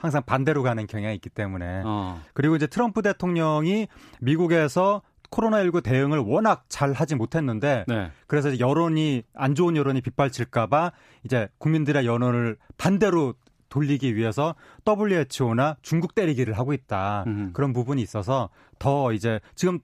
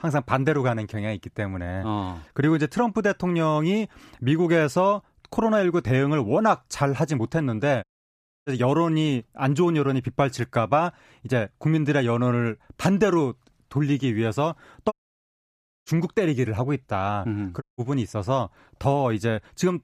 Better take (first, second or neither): first